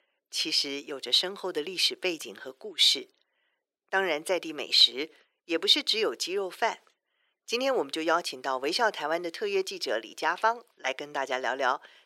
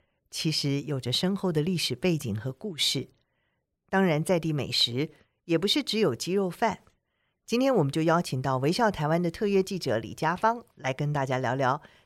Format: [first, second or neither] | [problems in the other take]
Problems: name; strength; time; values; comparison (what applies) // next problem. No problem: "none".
second | thin; very; fading below 350 Hz